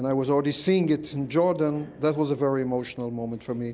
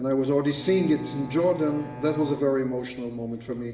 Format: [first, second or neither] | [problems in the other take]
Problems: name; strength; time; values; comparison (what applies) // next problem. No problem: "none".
first | background sound (Bowed string instrument); 15 dB below the speech // room echo; dies away in 1.1 s